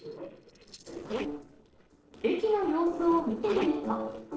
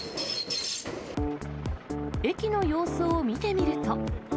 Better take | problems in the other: second | noise reduction (neural separator model SepFormer DNS4)

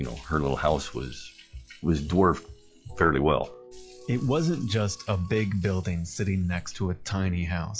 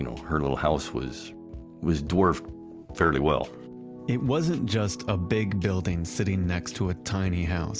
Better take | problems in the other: second | noise reduction (classical method log-MMSE)

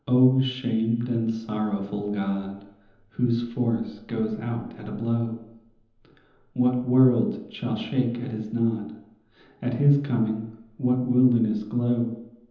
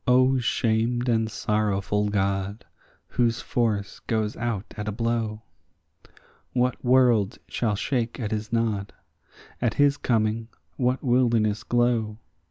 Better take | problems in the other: second | room echo; dies away in 0.9 s

